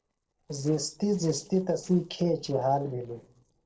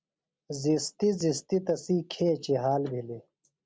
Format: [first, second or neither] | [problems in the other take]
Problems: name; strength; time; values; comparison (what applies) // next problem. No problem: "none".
second | noise reduction (neural separator model SepFormer DNS4)